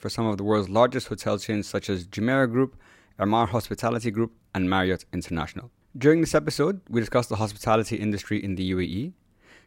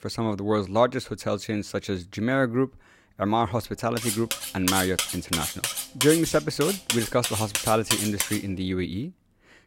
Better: first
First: none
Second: clattering dishes; loud; from 4 to 8.5 s; peak 2 dB above the speech

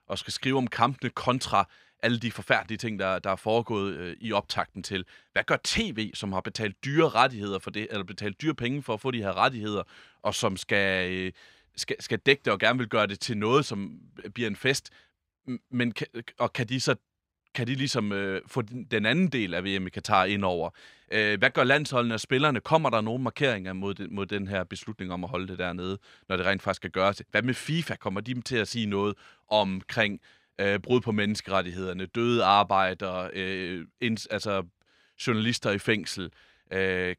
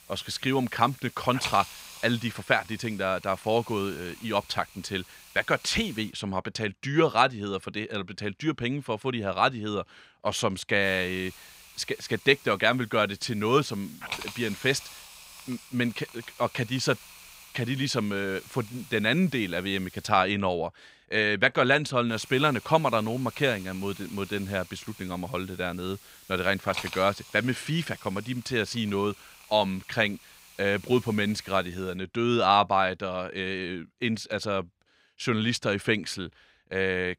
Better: first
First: none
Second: hiss; noticeable; until 6 s, from 11 to 20 s and from 22 to 32 s; 15 dB below the speech

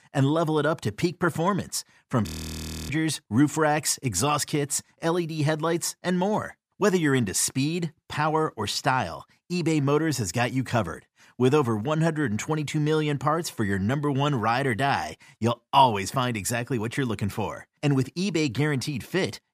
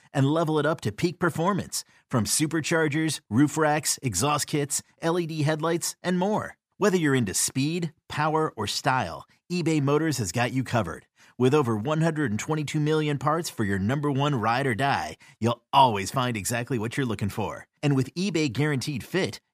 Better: second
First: audio freezing; at 2.5 s for 0.5 s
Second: none

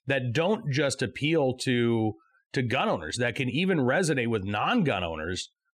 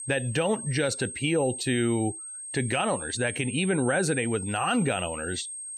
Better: first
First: none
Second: high-pitched whine; loud; throughout; 8.5 kHz, 8 dB below the speech

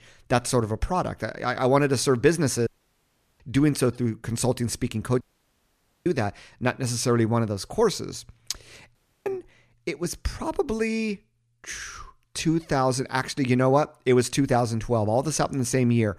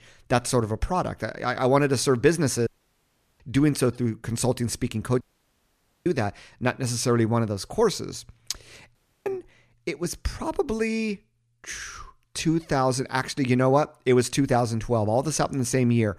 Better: neither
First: audio cutting out; at 2.5 s for 0.5 s, at 5 s for 1 s and at 9 s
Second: audio cutting out; at 2.5 s for 0.5 s, at 5 s for 1 s and at 9 s

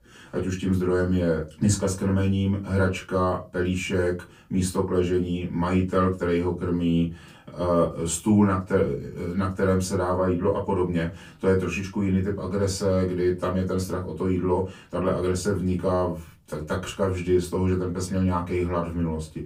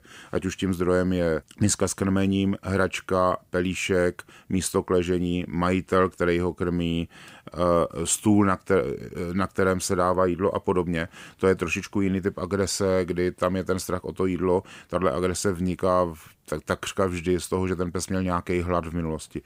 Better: second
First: off-mic speech; far // room echo; very slight; dies away in 0.3 s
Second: none

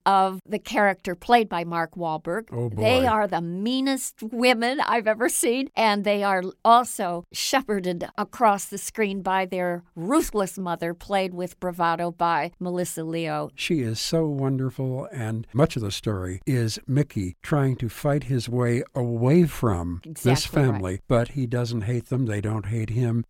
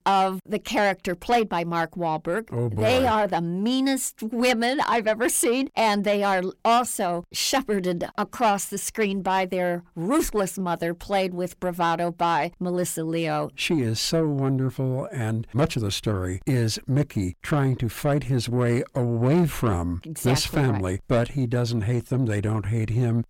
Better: first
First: none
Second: distortion; slight; 10 dB below the speech

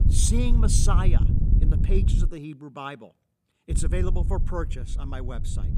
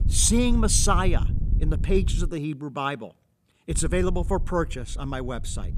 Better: second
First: wind noise on the microphone; heavy; until 2.5 s and from 3.5 s on; 7 dB below the speech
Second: wind noise on the microphone; occasional gusts; until 2.5 s and from 3.5 s on; 20 dB below the speech

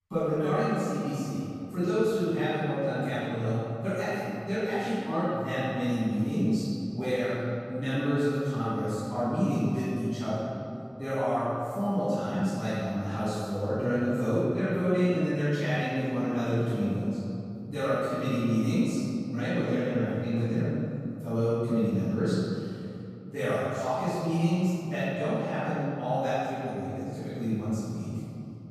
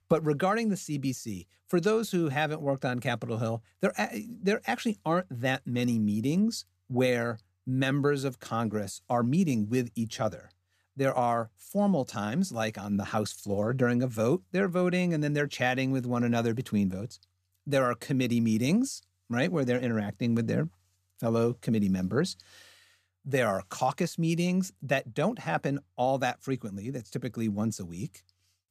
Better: second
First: off-mic speech; far // room echo; strong; dies away in 2.7 s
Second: none

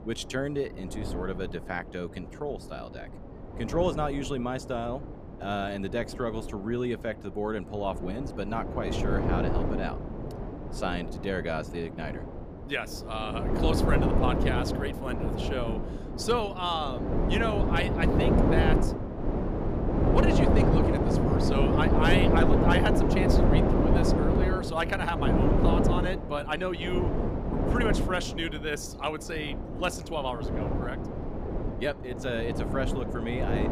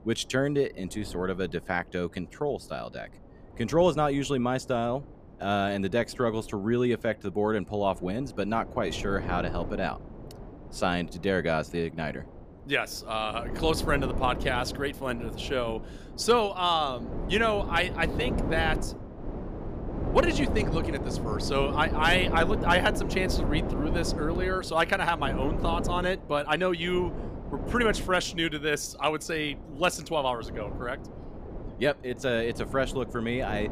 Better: second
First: wind noise on the microphone; heavy; as loud as the speech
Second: wind noise on the microphone; occasional gusts; 10 dB below the speech

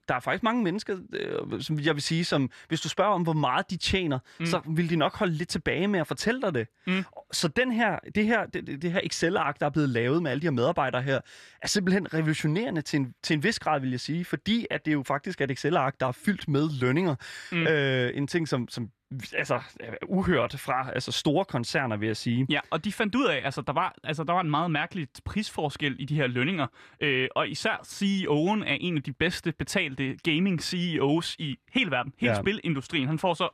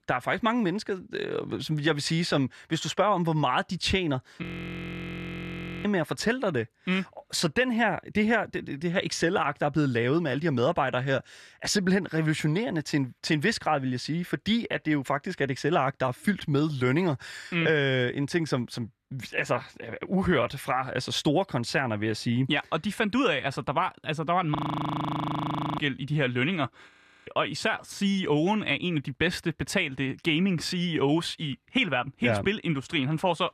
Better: first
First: none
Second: audio freezing; at 4.5 s for 1.5 s, at 25 s for 1 s and at 27 s

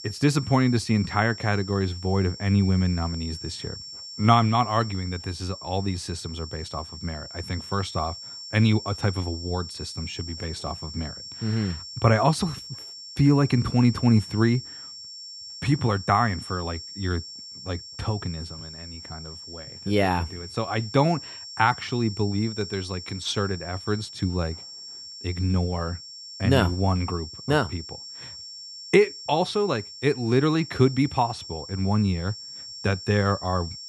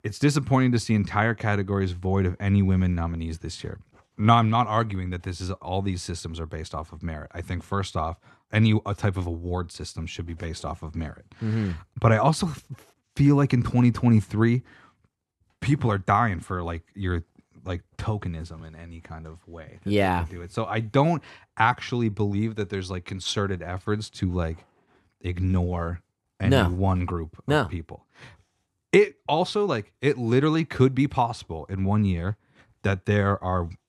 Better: second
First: high-pitched whine; noticeable; throughout; 5.5 kHz, 10 dB below the speech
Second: none

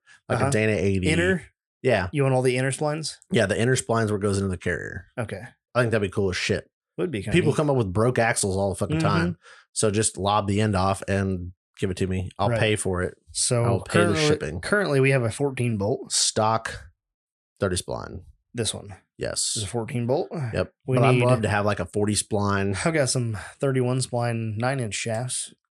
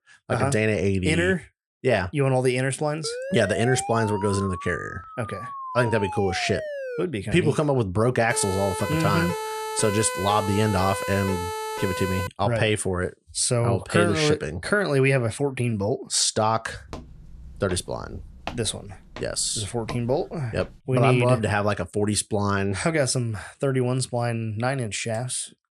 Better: first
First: none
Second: siren; noticeable; from 3 to 7 s and from 8.5 to 12 s; peak 5 dB below the speech // footsteps; faint; from 17 to 21 s; peak 15 dB below the speech

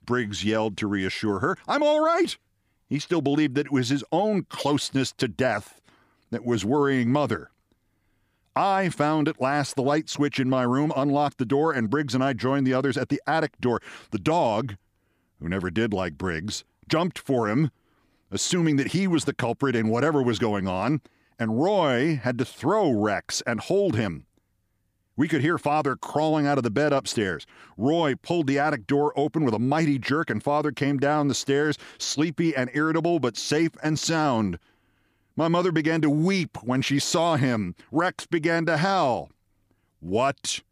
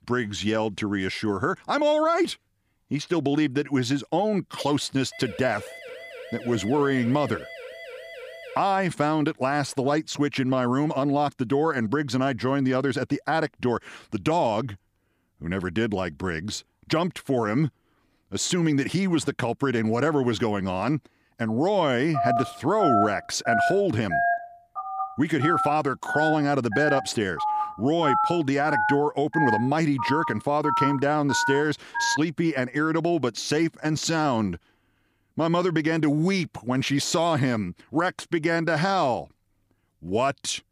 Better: first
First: none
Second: siren; faint; from 5 to 8.5 s; peak 15 dB below the speech // phone ringing; loud; from 22 to 32 s; peak 2 dB above the speech

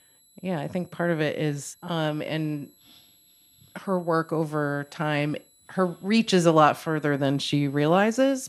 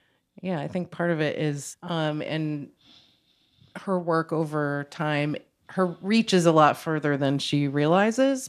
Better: second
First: high-pitched whine; faint; throughout; 11.5 kHz, 30 dB below the speech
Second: none

